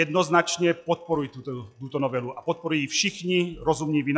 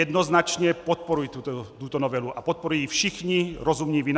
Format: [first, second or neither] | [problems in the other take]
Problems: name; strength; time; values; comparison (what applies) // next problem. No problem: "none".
second | noise reduction (classical method log-MMSE)